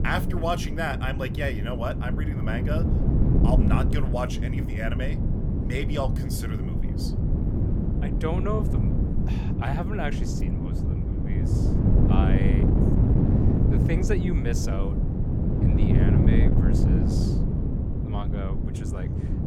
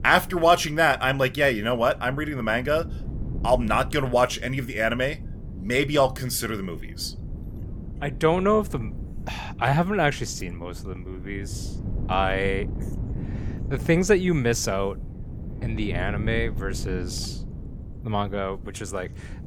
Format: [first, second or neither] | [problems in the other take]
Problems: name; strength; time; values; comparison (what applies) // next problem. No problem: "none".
second | wind noise on the microphone; heavy; 1 dB below the speech; occasional gusts in the second